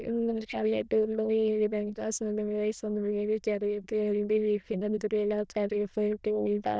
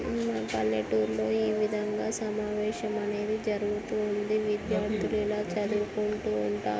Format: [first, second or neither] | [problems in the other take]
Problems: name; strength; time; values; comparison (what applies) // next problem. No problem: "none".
second | noise reduction (neural diffusion model UNIVERSE++)